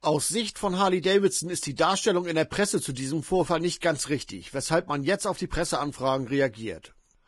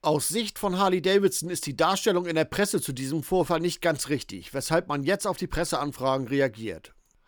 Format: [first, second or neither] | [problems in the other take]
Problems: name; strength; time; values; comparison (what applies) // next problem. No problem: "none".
second | garbled, watery; badly; nothing above 10.5 kHz